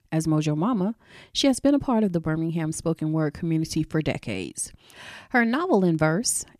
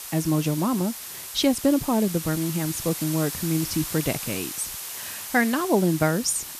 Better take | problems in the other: first | hiss; loud; throughout; 7 dB below the speech

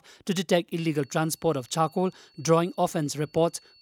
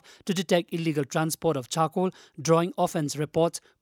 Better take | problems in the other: second | high-pitched whine; faint; from 1 s on; 4.5 kHz, 30 dB below the speech

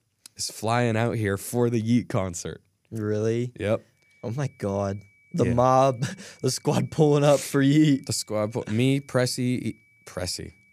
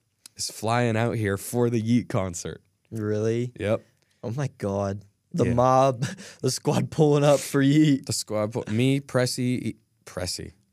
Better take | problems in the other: second | high-pitched whine; faint; from 4 s on; 2.5 kHz, 35 dB below the speech

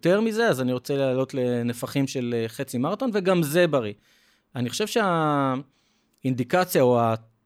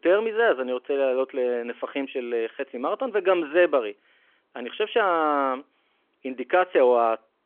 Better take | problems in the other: first | phone-call audio

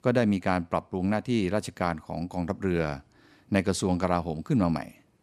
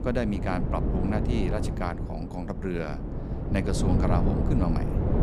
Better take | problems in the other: first | wind noise on the microphone; heavy; 3 dB below the speech

